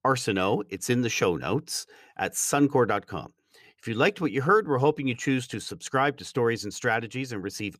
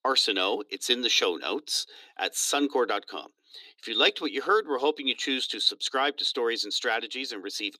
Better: first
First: none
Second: thin; very slightly; fading below 300 Hz

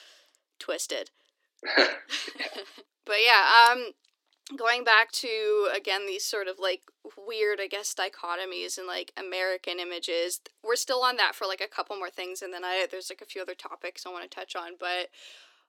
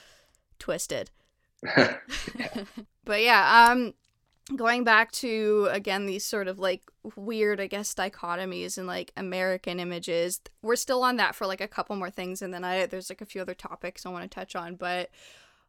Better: second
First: thin; somewhat; fading below 300 Hz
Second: none

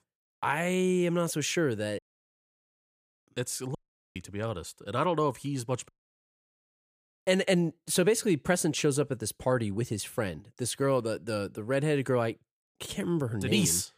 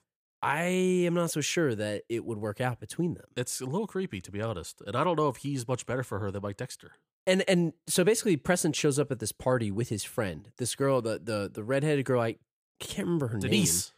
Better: second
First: audio cutting out; at 2 s for 1.5 s, at 4 s and at 6 s for 1.5 s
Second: none

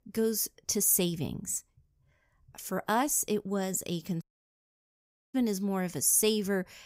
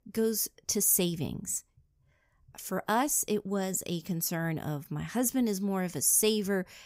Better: second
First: audio cutting out; at 4 s for 1 s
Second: none

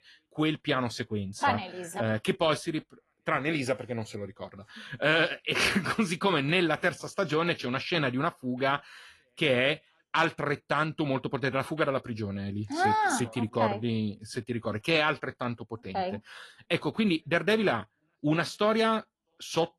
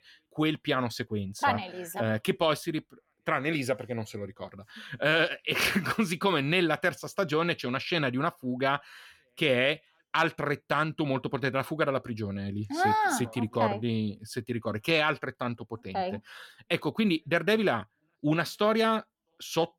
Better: second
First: garbled, watery; slightly; nothing above 11.5 kHz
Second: none

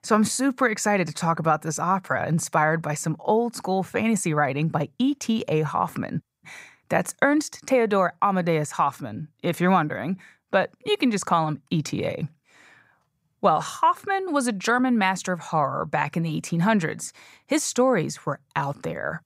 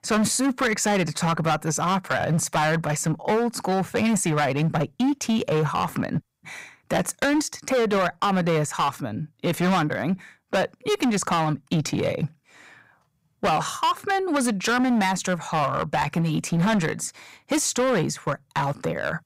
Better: first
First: none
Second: distortion; heavy; 15% of the sound clipped

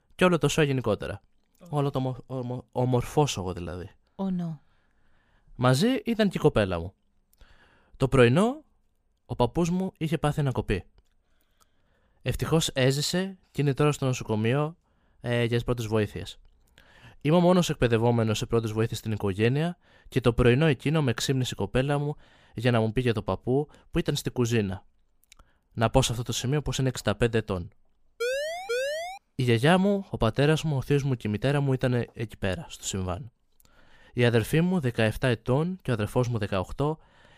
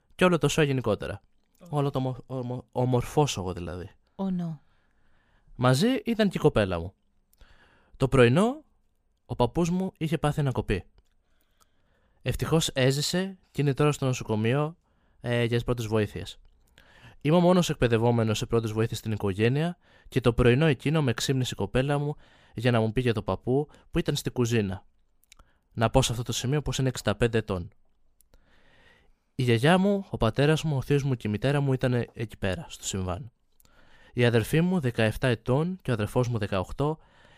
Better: second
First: siren; noticeable; at 28 s; peak 3 dB below the speech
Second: none

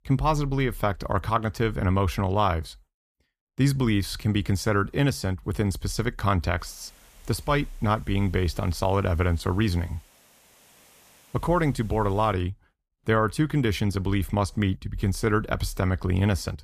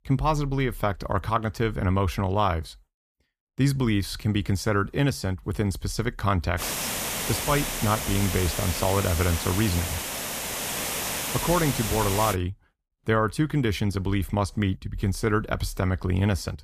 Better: first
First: hiss; faint; from 6.5 to 12 s; 30 dB below the speech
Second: hiss; loud; from 6.5 to 12 s; 3 dB below the speech

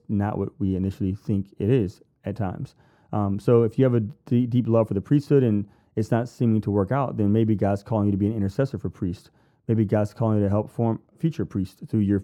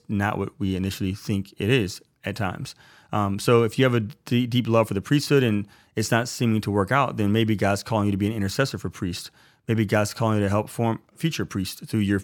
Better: second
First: muffled; slightly; fading above 1 kHz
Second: none

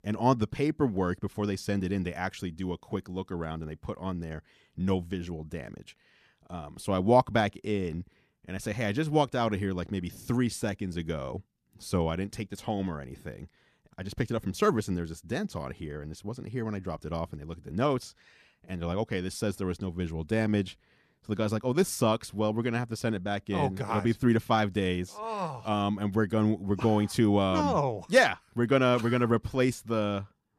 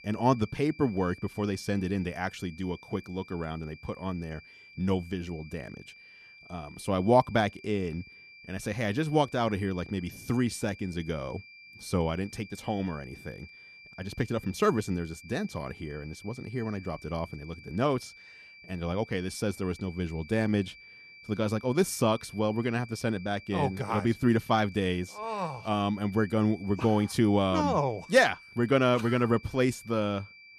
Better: first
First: none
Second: high-pitched whine; noticeable; throughout; 2.5 kHz, 20 dB below the speech

